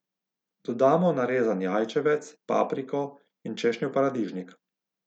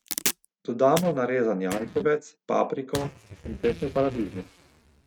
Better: first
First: none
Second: noise reduction (neural mask model RNNoise)

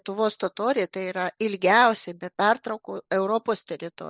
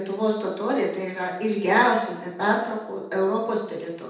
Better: first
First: none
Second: room echo; dies away in 0.8 s

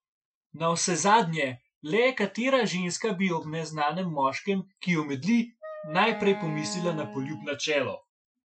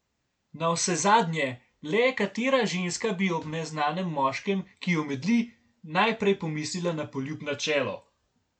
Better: second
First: noise reduction (classical method Wiener filter)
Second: none

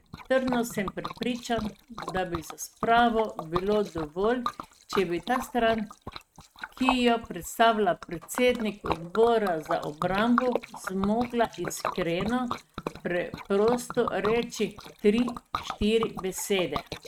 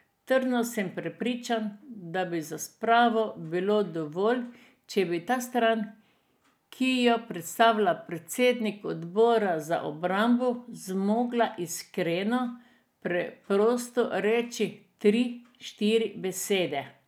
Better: second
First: noise reduction (neural mask model RNNoise)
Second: none

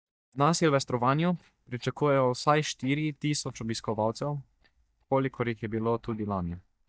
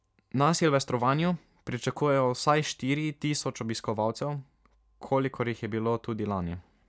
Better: second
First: noise reduction (neural mask model DeepFilterNet 3)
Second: none

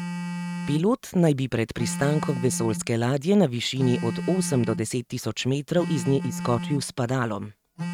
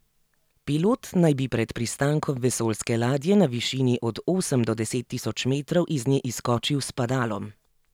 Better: second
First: noise reduction (neural mask model RNNoise)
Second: none

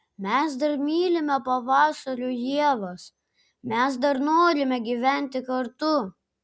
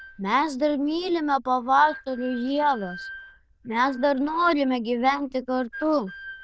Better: first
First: none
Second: noise reduction (neural diffusion model UNIVERSE++)

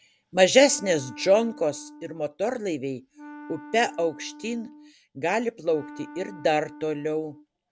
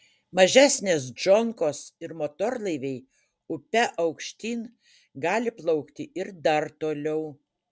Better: second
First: background sound (Wind instrument, woodwind instrument); 19 dB below the speech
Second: none

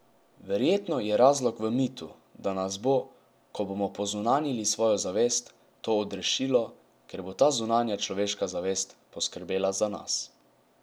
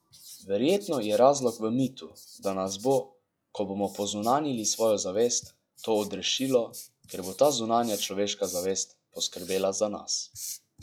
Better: first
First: none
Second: noise reduction (classical method log-MMSE)

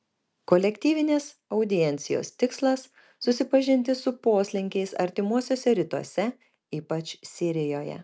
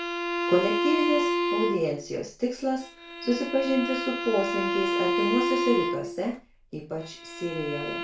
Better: first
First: none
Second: background sound (Bowed string instrument); as loud as the speech // room echo; dies away in 0.3 s

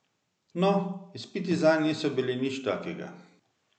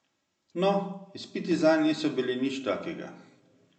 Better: first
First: none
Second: room echo; dies away in 1.4 s

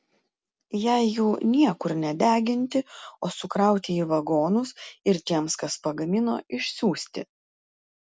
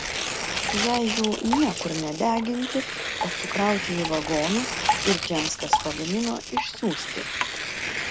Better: first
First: none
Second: background sound (Drip + Tearing); 1 dB below the speech

